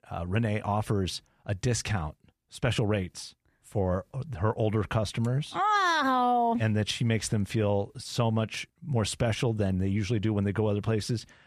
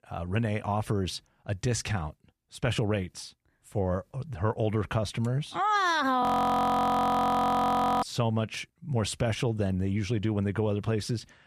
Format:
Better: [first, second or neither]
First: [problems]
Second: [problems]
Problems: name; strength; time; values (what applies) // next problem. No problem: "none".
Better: first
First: none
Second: audio freezing; at 6 s for 2 s